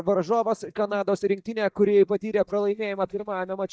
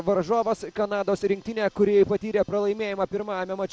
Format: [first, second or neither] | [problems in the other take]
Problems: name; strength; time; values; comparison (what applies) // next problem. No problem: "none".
second | noise reduction (neural mask model DeepFilterNet 3)